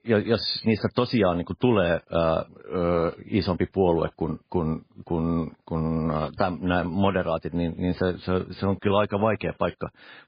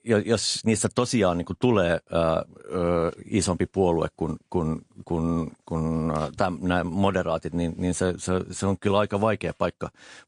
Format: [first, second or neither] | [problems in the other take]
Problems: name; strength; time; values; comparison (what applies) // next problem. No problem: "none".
second | garbled, watery; badly; nothing above 5 kHz; slightly in the second